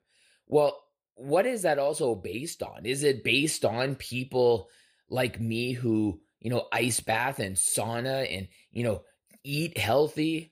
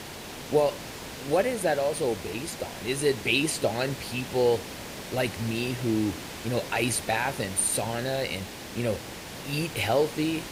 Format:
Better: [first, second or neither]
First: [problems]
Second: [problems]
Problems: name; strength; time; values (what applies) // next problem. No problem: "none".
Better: first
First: none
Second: hiss; noticeable; throughout; 10 dB below the speech